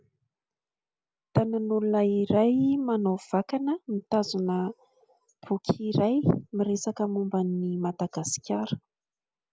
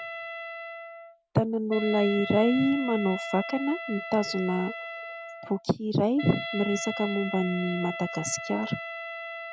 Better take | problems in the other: first | background sound (Wind instrument, woodwind instrument); 9 dB below the speech

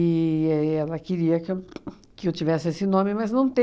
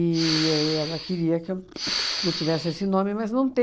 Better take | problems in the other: first | background sound (Respiratory sounds); 6 dB below the speech

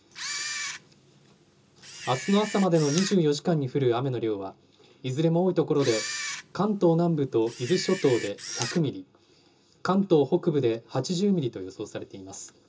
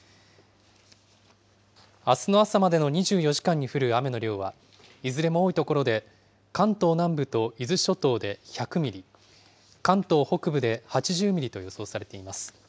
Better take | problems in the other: second | background sound (Camera); 10 dB below the speech // room echo; dies away in 0.2 s

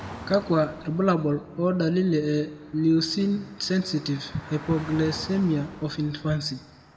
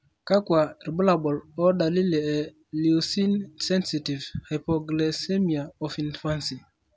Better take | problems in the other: second | background sound (Traffic noise, roadway noise / Car); 18 dB below the speech // room echo; dies away in 1.1 s

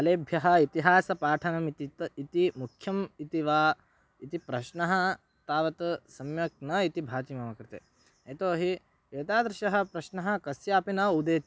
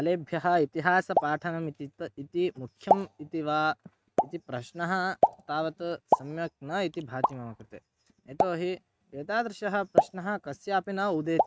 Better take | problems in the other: first | noise reduction (neural mask model RNNoise)

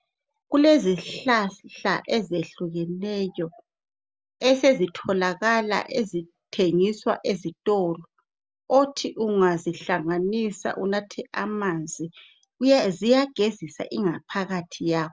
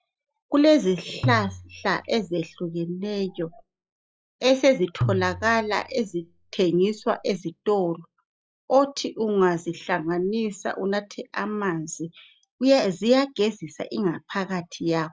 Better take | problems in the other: first | noise reduction (classical method log-MMSE)

